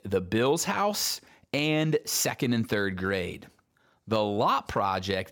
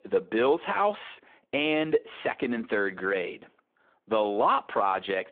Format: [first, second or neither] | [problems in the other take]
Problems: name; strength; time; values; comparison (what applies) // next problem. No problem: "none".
first | phone-call audio